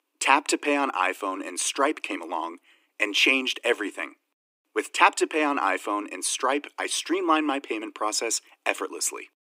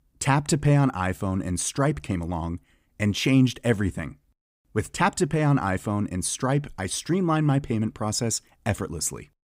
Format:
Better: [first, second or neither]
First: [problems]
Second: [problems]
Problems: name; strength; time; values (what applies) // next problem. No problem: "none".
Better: second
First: thin; very; fading below 300 Hz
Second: none